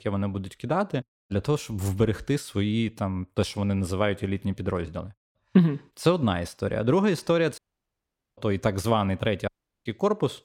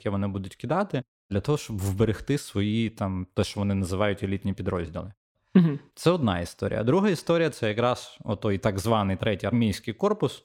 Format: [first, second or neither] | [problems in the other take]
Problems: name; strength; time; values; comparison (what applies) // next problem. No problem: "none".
second | audio cutting out; at 7.5 s for 1 s and at 9.5 s